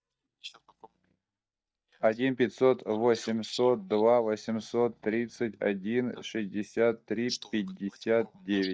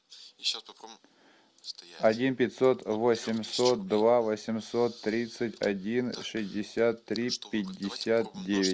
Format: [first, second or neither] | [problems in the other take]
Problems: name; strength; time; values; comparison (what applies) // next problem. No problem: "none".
second | noise reduction (neural mask model DeepFilterNet 3)